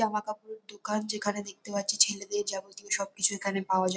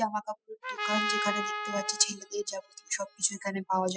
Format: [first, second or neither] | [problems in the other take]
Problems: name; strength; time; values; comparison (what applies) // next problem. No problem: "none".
first | noise reduction (classical method spectral subtraction)